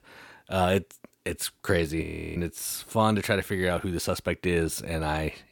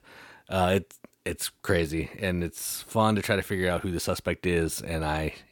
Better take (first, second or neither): second